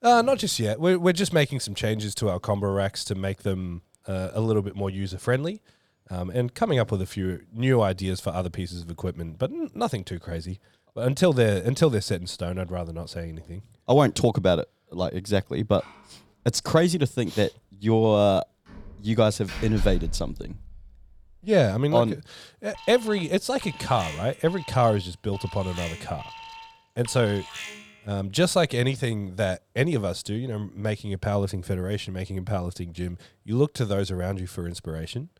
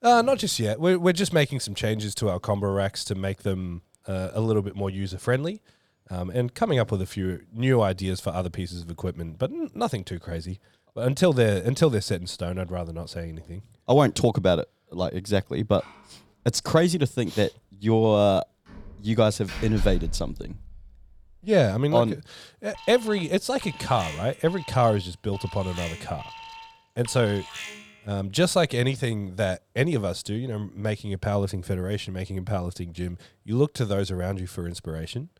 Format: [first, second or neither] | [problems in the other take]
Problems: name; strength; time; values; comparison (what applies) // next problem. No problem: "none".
neither | door banging; noticeable; from 19 to 20 s; peak 6 dB below the speech; the same in both // alarm; faint; from 23 to 28 s; peak 10 dB below the speech; the same in both